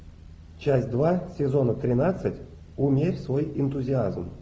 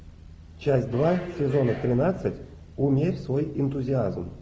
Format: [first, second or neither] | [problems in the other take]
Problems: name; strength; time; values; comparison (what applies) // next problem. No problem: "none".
first | background sound (Subway, metro, underground); 14 dB below the speech